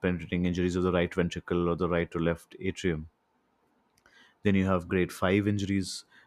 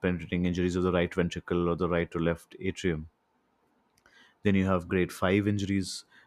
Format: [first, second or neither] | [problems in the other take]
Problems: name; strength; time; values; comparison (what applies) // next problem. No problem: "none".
neither | none